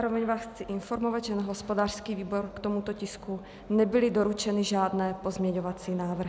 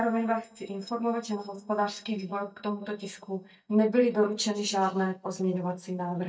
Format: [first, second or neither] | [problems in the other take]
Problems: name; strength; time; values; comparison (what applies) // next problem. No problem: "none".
first | noise reduction (neural mask model DeepFilterNet 3)